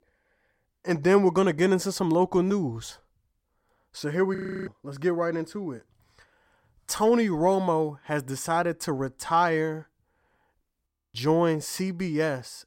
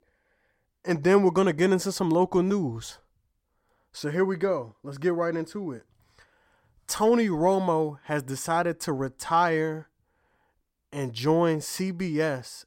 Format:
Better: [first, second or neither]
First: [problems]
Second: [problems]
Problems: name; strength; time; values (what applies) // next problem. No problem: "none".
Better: second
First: audio freezing; at 4.5 s and at 11 s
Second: none